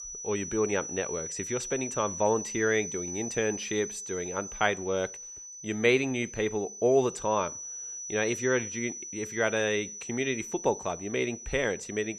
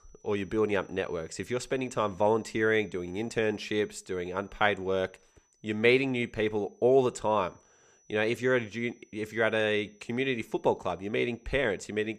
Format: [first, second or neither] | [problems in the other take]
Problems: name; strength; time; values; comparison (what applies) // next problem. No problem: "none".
second | high-pitched whine; loud; throughout; 6 kHz, 8 dB below the speech; faint in the second